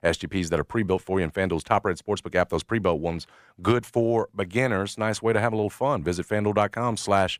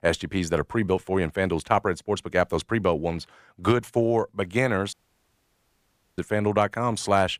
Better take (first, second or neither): first